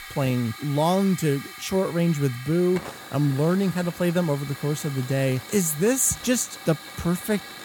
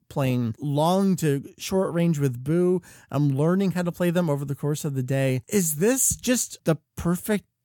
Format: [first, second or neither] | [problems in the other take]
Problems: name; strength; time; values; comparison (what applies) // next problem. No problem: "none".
second | hiss; noticeable; throughout; 15 dB below the speech